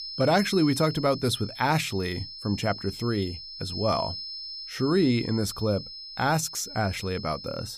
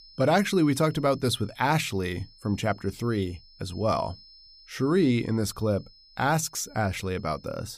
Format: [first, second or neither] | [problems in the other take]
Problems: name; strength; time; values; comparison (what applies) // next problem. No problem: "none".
second | high-pitched whine; loud; throughout; 5 kHz, 10 dB below the speech; faint in the second